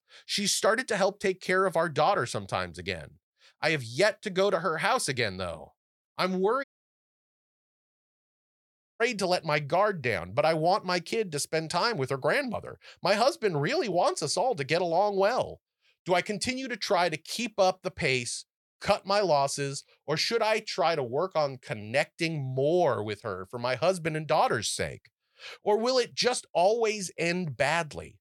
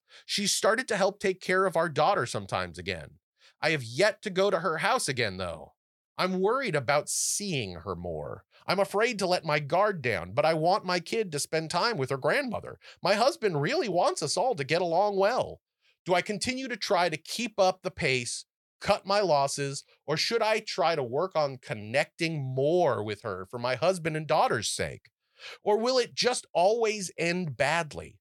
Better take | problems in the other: second | audio cutting out; at 6.5 s for 2.5 s

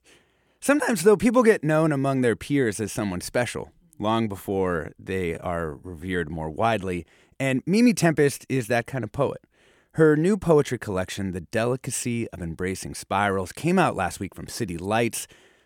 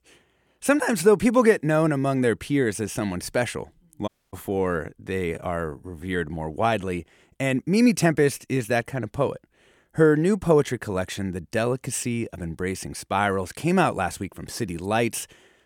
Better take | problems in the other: first | audio cutting out; at 4 s

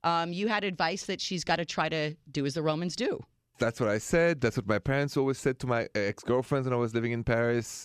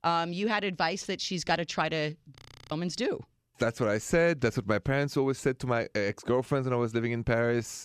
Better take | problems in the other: first | audio freezing; at 2.5 s

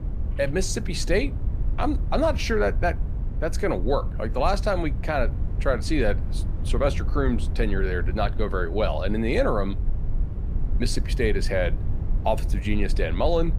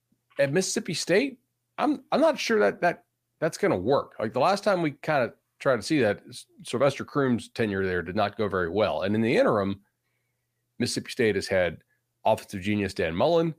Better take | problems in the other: second | low rumble; noticeable; throughout; 15 dB below the speech

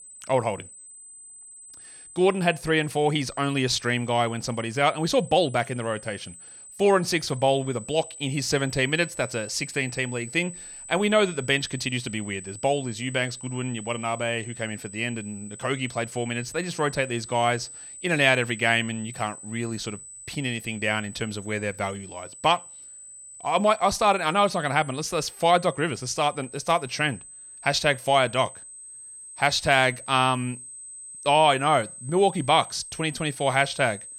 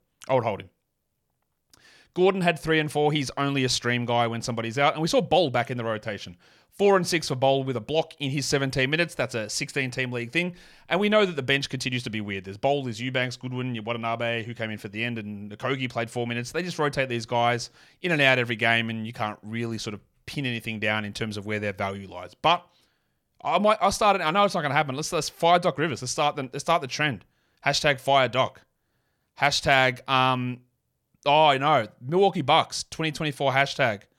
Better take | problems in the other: second | high-pitched whine; noticeable; throughout; 8 kHz, 15 dB below the speech

